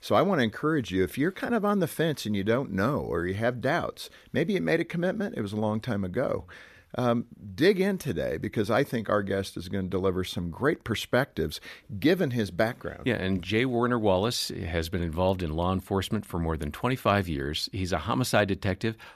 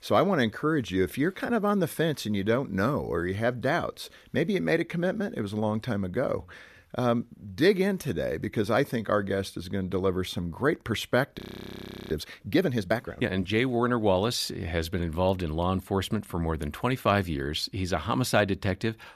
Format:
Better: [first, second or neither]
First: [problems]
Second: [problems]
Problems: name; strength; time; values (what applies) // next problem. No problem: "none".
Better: first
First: none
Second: audio freezing; at 11 s for 0.5 s